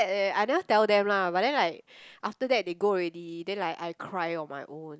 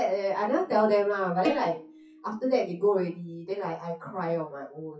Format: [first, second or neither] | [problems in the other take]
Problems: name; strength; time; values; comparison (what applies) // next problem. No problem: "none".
first | noise reduction (classical method WPE with log-MMSE)